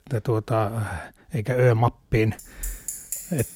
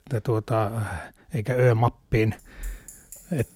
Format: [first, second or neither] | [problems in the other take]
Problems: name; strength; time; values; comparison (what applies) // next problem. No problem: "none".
second | traffic noise; loud; from 2.5 s on; 9 dB below the speech; faint in the second